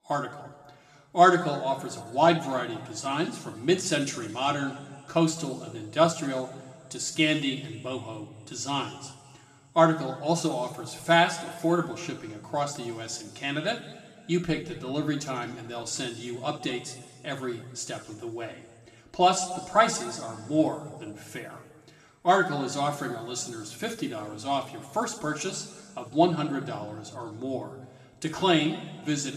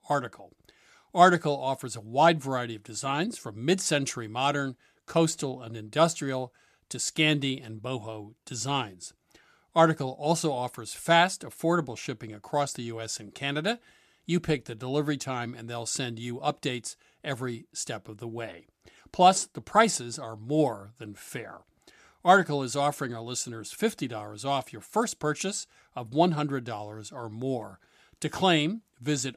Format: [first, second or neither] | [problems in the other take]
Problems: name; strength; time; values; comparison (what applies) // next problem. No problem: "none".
second | room echo; noticeable; dies away in 1.9 s // off-mic speech; somewhat distant